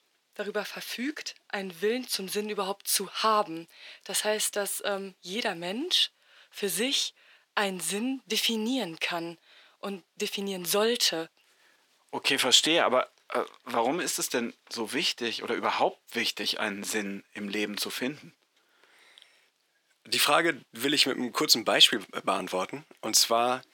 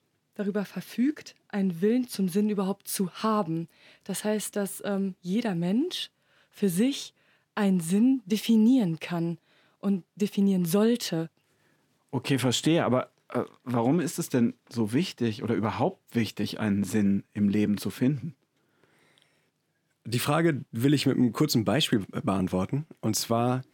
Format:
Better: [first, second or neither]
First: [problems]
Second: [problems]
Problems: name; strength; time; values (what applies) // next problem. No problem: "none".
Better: second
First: thin; somewhat; fading below 550 Hz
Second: none